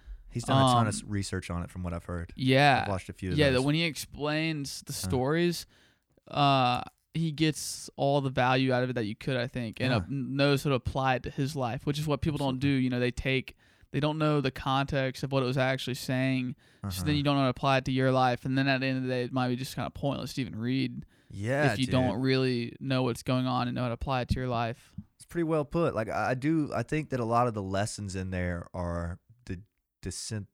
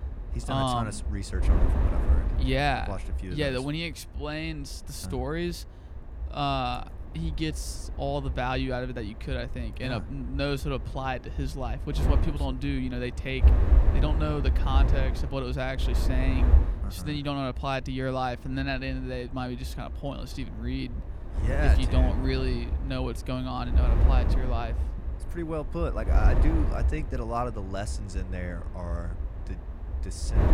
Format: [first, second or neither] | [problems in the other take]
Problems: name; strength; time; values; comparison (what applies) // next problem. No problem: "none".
first | wind noise on the microphone; heavy; 9 dB below the speech